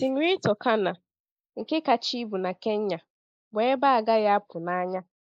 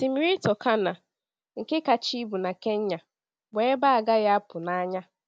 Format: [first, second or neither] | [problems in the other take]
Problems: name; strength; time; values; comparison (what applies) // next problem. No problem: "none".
second | noise reduction (neural mask model Resemble Enhance denoiser)